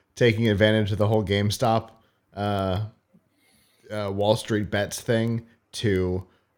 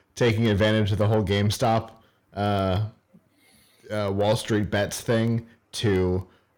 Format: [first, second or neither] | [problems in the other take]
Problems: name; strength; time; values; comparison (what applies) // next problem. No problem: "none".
first | distortion; slight; 10 dB below the speech